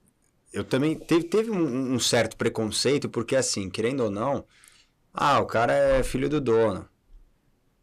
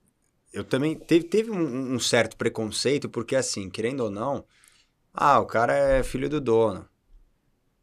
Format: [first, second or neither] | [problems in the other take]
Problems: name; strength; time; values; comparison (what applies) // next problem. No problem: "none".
second | distortion; slight; 10 dB below the speech